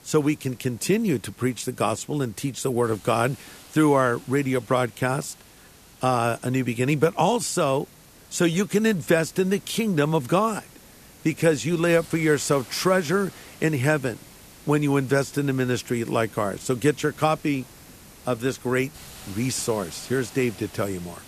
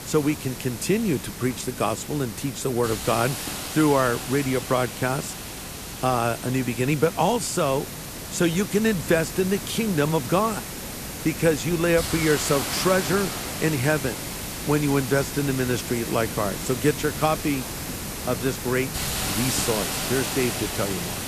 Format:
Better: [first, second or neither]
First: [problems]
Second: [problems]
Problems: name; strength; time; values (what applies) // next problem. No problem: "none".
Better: first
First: hiss; faint; throughout; 20 dB below the speech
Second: hiss; loud; throughout; 6 dB below the speech